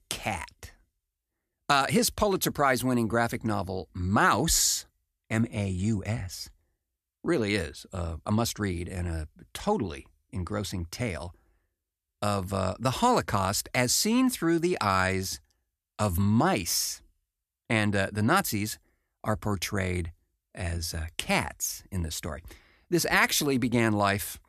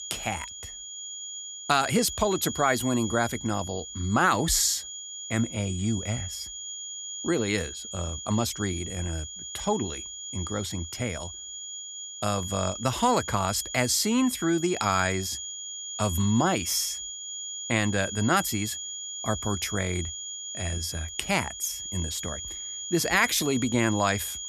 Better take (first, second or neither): first